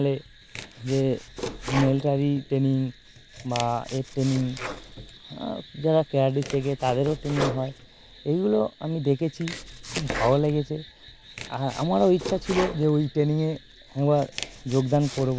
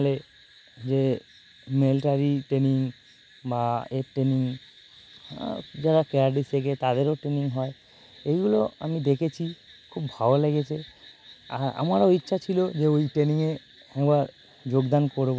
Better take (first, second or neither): second